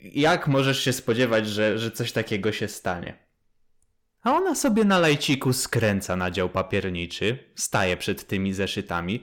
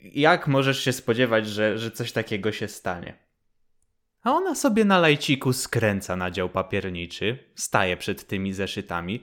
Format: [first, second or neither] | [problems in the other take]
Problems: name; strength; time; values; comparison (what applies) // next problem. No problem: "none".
second | distortion; slight; 10 dB below the speech